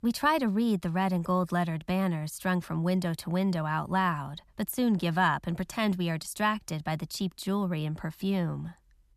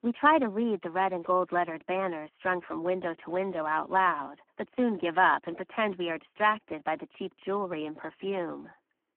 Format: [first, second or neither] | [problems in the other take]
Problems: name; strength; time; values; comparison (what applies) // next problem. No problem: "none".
first | phone-call audio; poor line